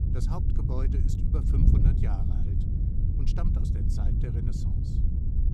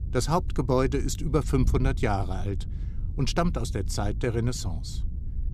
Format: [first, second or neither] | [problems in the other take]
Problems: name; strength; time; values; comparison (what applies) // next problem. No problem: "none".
second | wind noise on the microphone; heavy; 3 dB above the speech; occasional gusts in the second